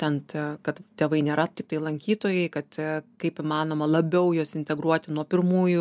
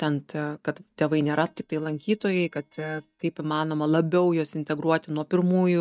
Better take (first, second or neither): first